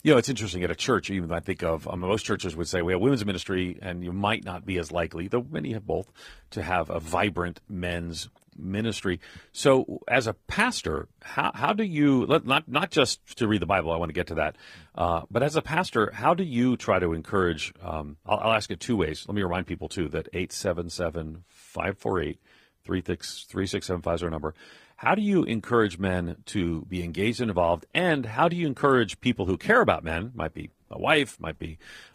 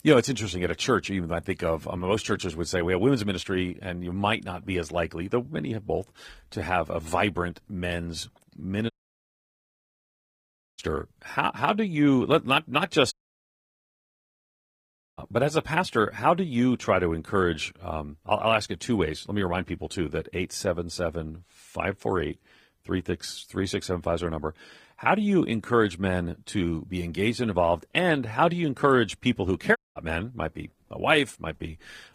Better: first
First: none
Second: audio cutting out; at 9 s for 2 s, at 13 s for 2 s and at 30 s

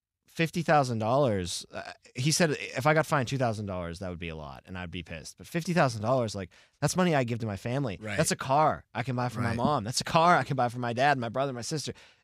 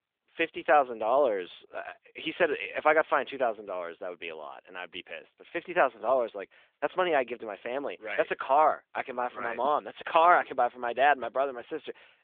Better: first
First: none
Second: phone-call audio; nothing above 3.5 kHz

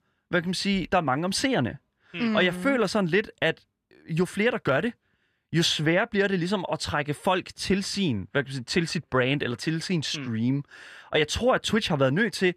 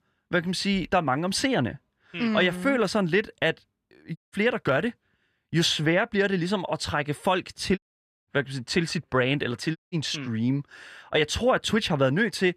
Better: first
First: none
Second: audio cutting out; at 4 s, at 8 s and at 10 s

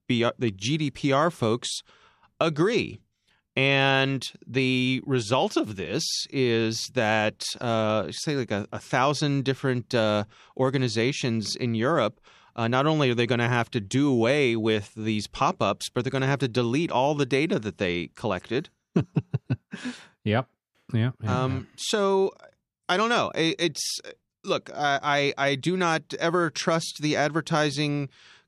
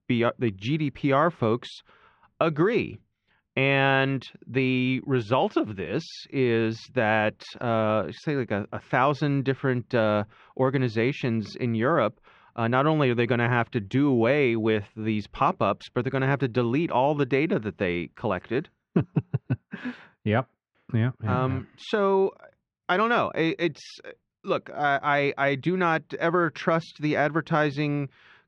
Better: first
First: none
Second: muffled; slightly; fading above 2 kHz

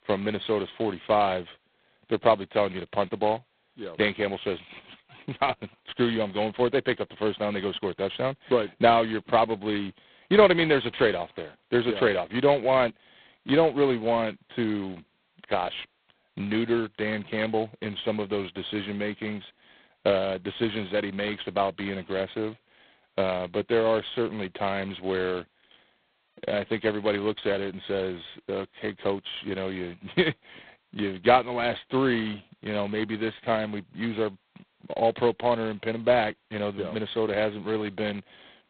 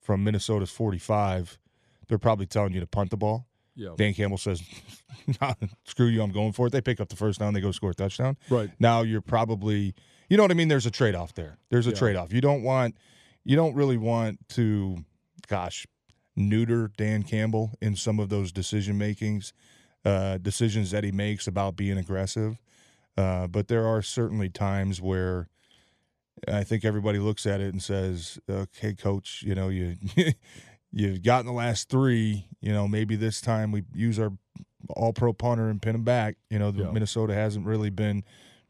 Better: second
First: phone-call audio; poor line; nothing above 4 kHz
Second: none

